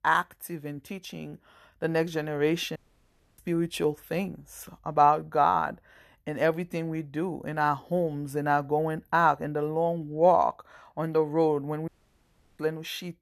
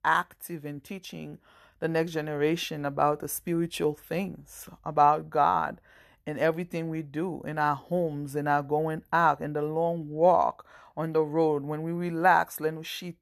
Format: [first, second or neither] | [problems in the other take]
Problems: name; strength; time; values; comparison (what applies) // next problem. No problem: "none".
second | audio cutting out; at 3 s for 0.5 s and at 12 s for 0.5 s